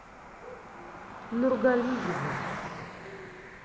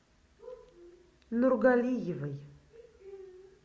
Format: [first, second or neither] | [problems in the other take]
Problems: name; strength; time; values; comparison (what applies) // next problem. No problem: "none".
second | background sound (Cricket); 7 dB below the speech